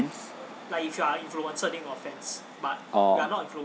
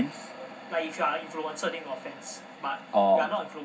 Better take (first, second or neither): first